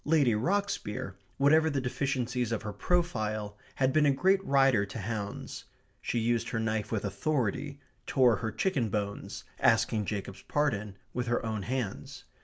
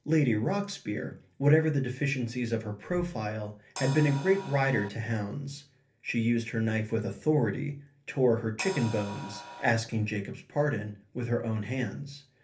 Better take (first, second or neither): first